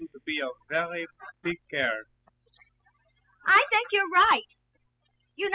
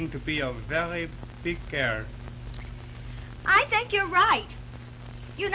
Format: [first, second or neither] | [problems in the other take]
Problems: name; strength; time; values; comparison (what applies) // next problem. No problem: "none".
second | noise reduction (classical method spectral subtraction)